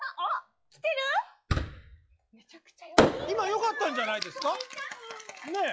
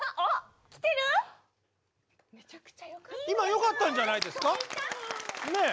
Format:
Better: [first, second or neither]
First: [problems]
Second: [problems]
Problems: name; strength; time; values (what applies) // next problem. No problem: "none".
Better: second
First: noise reduction (classical method log-MMSE)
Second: none